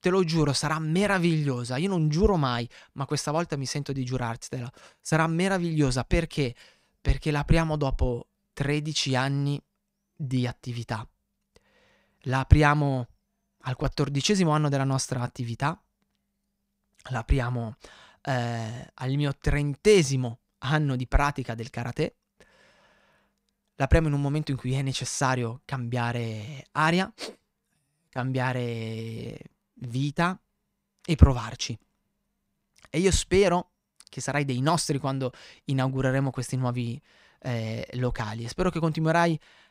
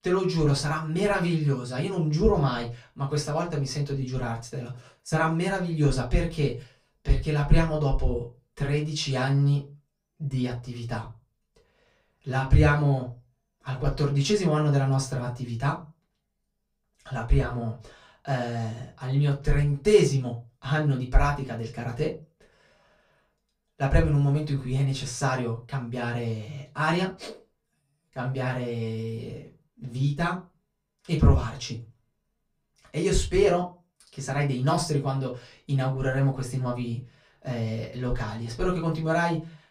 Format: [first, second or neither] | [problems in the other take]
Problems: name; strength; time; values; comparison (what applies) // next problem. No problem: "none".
first | off-mic speech; far // room echo; very slight; dies away in 0.2 s